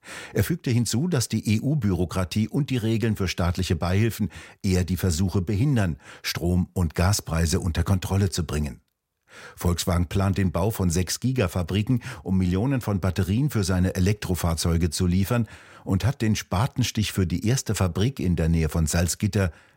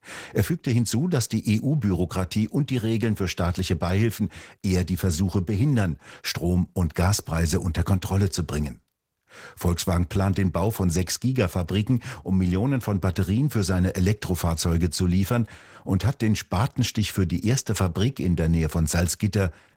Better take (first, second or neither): first